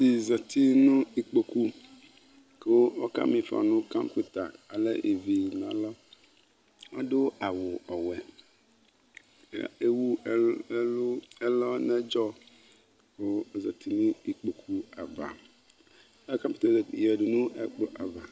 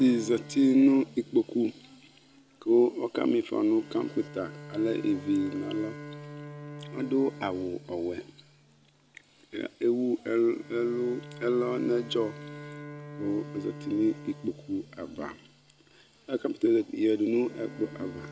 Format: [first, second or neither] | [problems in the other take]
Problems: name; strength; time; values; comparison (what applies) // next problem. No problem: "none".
first | background sound (Bowed string instrument); 17 dB below the speech